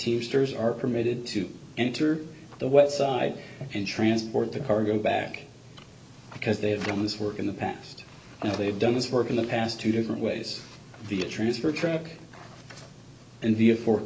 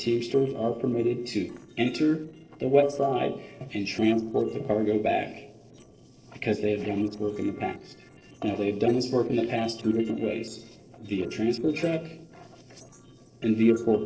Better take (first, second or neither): first